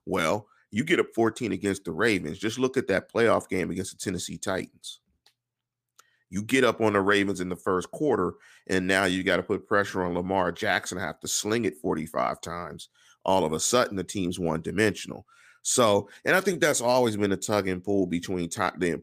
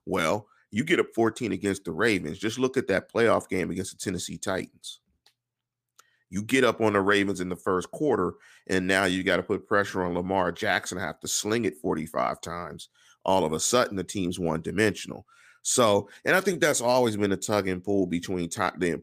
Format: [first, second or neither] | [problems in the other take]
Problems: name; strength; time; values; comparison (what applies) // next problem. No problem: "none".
neither | none